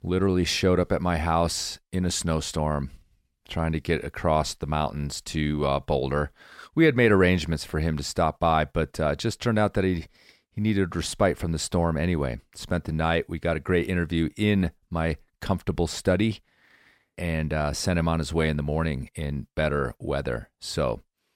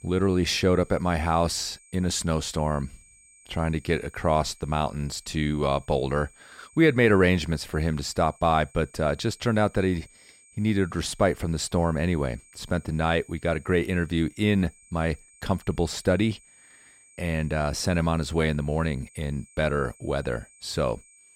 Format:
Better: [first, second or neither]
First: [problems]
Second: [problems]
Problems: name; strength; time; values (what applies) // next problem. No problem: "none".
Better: first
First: none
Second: high-pitched whine; faint; throughout; 8.5 kHz, 25 dB below the speech